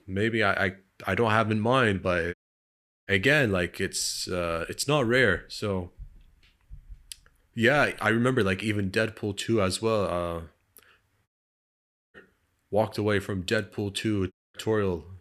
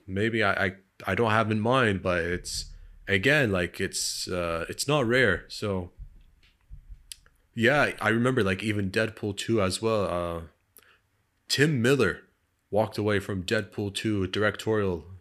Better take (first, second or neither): second